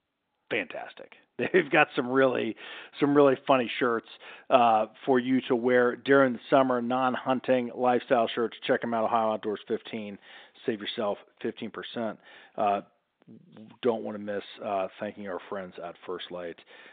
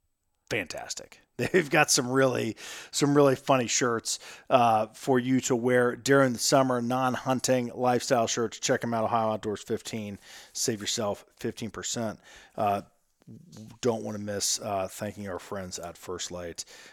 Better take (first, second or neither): second